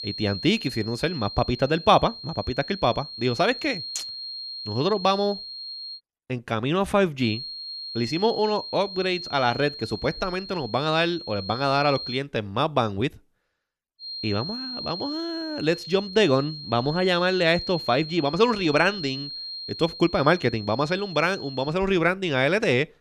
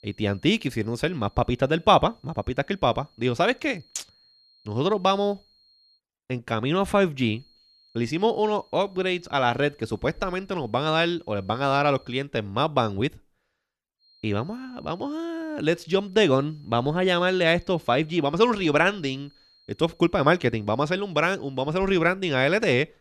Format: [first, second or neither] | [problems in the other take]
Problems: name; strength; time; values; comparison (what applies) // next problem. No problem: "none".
second | high-pitched whine; loud; until 6 s, from 7 to 12 s and from 14 to 22 s; 4 kHz, 10 dB below the speech; faint in the second